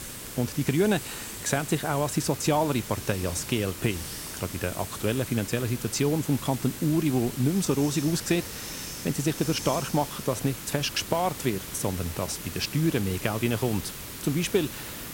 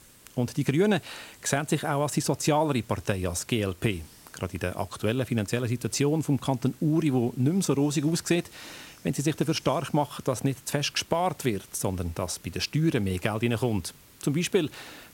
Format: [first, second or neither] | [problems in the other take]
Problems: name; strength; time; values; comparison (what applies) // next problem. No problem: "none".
second | hiss; loud; throughout; 9 dB below the speech; faint in the second